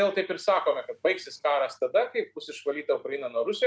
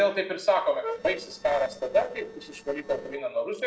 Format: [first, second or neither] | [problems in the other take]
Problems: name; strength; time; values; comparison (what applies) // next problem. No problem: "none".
first | noise reduction (neural separator model SepFormer DNS4)